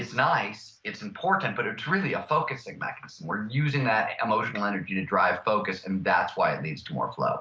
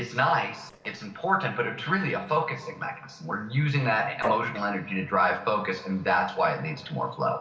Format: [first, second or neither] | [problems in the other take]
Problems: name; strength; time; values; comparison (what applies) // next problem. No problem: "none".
first | noise reduction (neural separator model SepFormer DNS4)